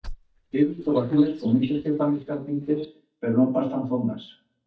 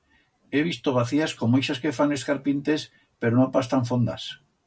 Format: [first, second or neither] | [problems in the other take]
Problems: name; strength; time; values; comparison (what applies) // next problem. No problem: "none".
second | noise reduction (neural mask model DeepFilterNet 3)